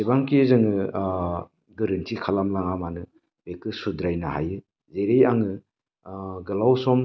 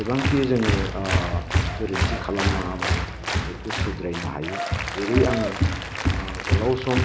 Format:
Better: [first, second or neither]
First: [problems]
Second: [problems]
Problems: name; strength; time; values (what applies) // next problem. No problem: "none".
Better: first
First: none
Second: background sound (Applause); 2 dB above the speech